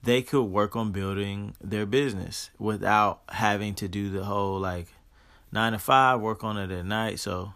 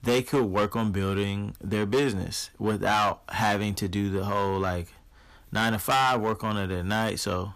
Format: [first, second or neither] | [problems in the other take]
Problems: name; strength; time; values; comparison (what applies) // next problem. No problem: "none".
first | distortion; heavy; 7% of the sound clipped